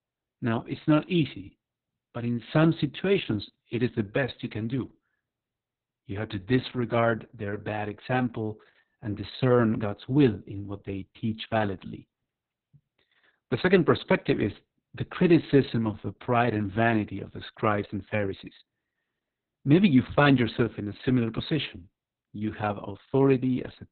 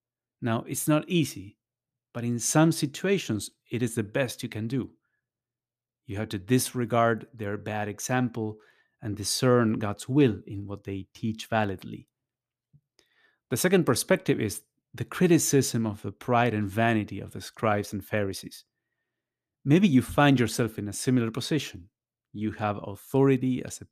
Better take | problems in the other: second | garbled, watery; badly; nothing above 4 kHz

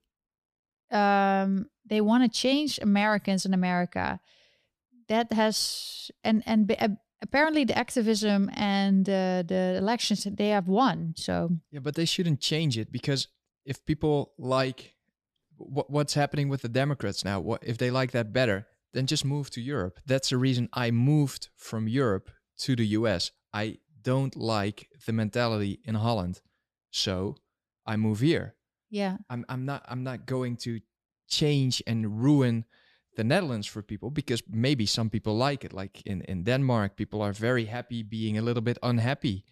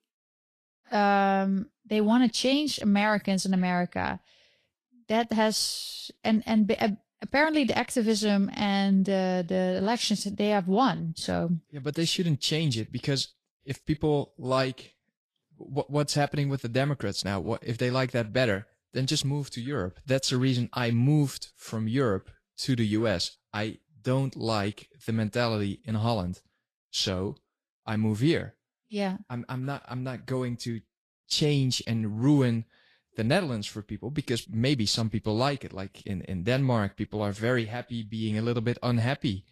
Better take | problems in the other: first | garbled, watery; slightly; nothing above 13.5 kHz

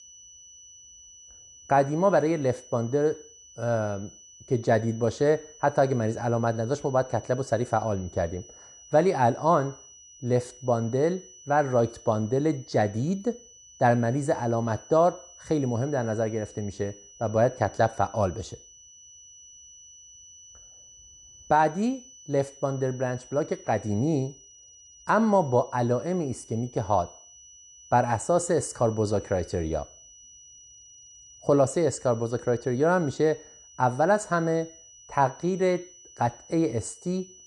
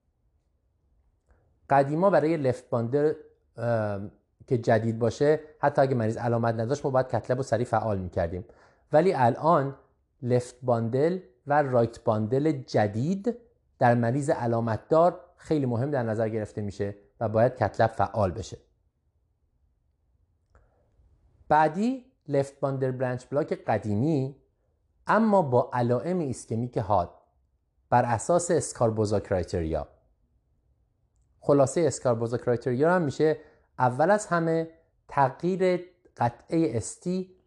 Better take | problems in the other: second | high-pitched whine; faint; throughout; 6 kHz, 20 dB below the speech

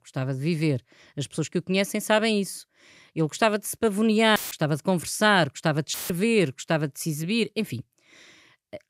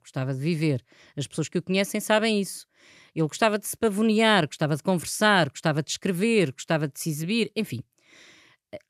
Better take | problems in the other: second | audio cutting out; filled with static; at 4.5 s and at 6 s

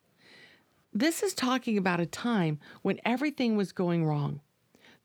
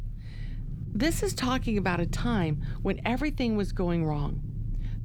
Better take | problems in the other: first | low rumble; noticeable; throughout; 15 dB below the speech

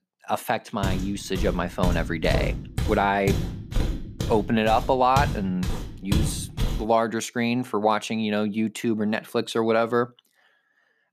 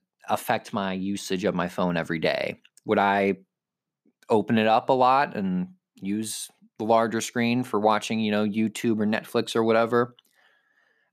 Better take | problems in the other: second | footsteps; noticeable; from 1 to 7 s; peak 1 dB below the speech

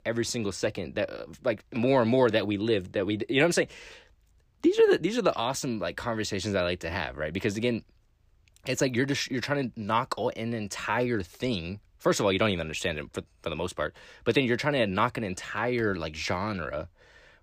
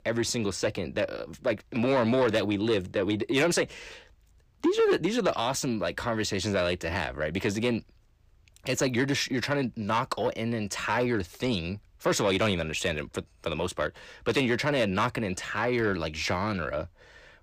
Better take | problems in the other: first | distortion; slight; 10 dB below the speech

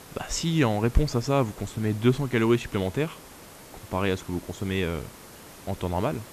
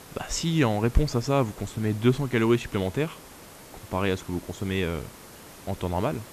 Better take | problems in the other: neither | hiss; noticeable; throughout; 20 dB below the speech; the same in both

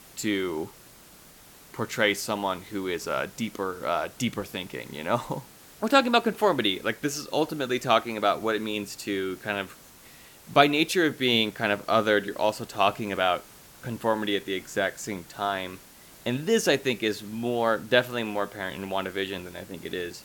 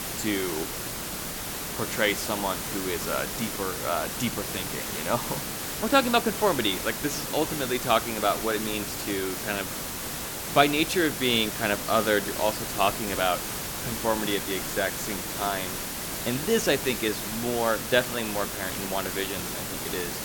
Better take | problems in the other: first | hiss; loud; throughout; 3 dB below the speech; faint in the first

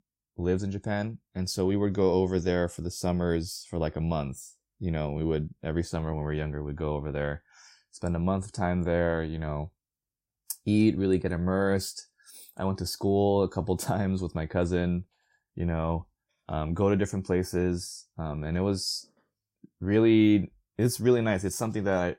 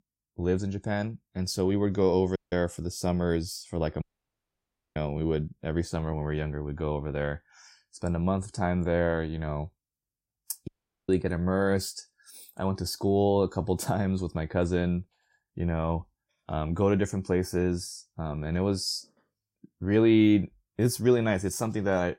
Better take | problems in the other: first | audio cutting out; at 2.5 s, at 4 s for 1 s and at 11 s

